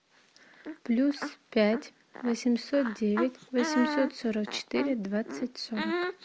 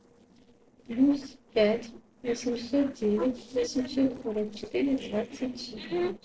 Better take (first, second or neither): first